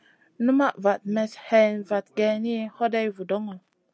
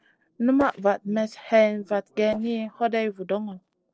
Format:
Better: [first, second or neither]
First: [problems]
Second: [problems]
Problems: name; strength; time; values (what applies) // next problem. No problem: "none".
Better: first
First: none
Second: noise reduction (neural separator model SepFormer DNS4)